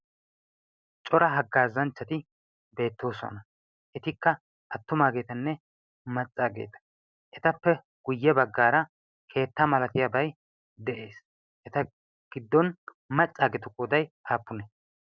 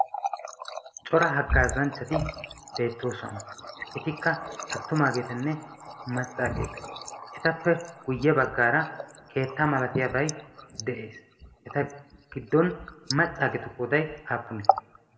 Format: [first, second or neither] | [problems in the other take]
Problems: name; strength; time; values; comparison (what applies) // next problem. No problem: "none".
first | background sound (Water tap, faucet); 7 dB below the speech // room echo; dies away in 1.2 s